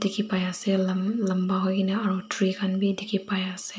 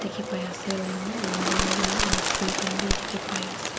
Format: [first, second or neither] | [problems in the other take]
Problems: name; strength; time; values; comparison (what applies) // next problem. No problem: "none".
first | background sound (Bird); 4 dB above the speech